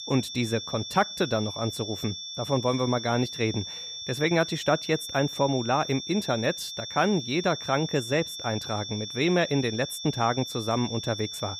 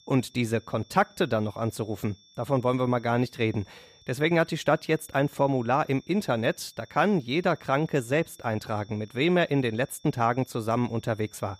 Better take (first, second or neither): second